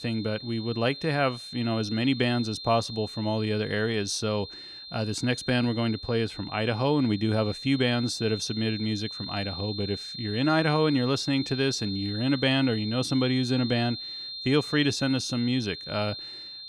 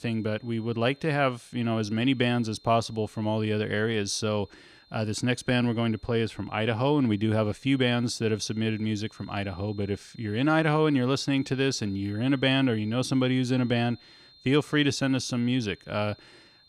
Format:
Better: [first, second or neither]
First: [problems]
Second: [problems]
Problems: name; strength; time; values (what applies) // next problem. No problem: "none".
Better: second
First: high-pitched whine; loud; throughout; 4 kHz, 9 dB below the speech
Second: high-pitched whine; faint; throughout; 4 kHz, 30 dB below the speech